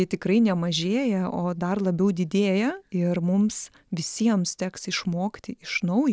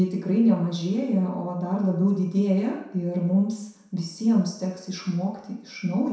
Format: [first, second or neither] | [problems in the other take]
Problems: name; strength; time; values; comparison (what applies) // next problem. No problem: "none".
first | room echo; dies away in 0.7 s